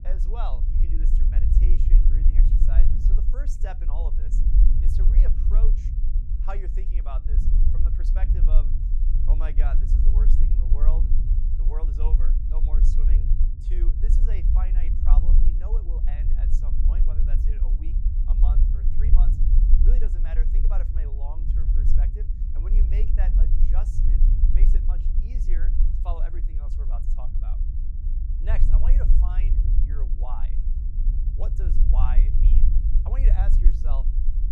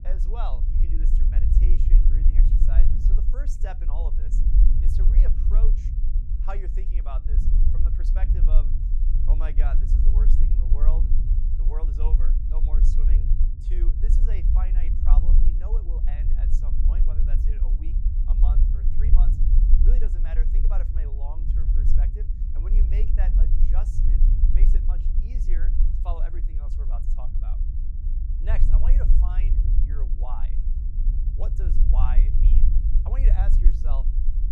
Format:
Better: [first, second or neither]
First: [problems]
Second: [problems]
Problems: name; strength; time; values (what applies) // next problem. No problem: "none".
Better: neither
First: low rumble; loud; throughout; 2 dB below the speech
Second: low rumble; loud; throughout; 2 dB below the speech